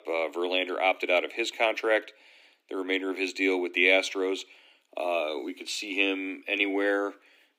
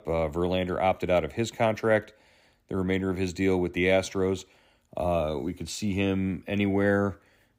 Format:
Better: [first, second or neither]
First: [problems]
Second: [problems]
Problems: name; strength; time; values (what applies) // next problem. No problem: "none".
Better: second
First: thin; very slightly; fading below 250 Hz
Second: none